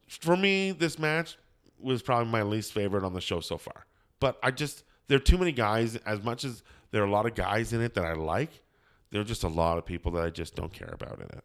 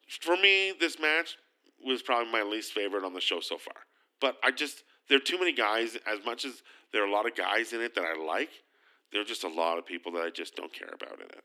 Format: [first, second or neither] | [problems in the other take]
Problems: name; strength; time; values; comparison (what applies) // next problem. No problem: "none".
first | thin; somewhat; fading below 250 Hz